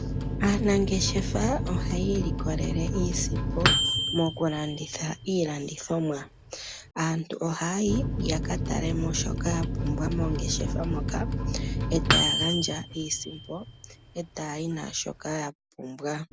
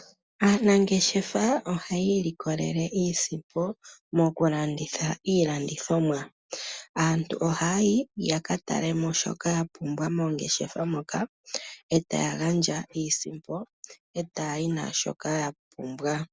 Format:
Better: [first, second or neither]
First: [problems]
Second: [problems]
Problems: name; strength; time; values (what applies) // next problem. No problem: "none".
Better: second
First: background sound (Microwave oven); as loud as the speech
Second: none